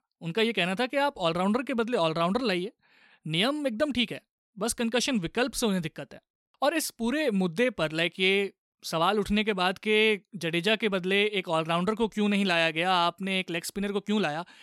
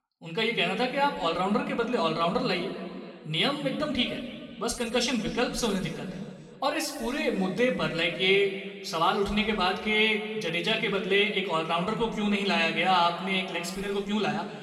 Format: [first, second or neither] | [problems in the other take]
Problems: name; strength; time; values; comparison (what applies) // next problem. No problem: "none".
first | room echo; noticeable; dies away in 2 s // off-mic speech; somewhat distant